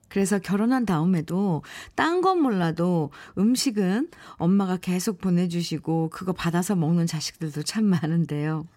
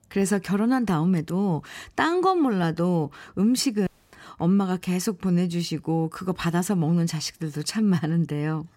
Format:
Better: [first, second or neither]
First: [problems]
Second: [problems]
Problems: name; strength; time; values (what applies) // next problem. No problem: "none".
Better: first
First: none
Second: audio cutting out; at 4 s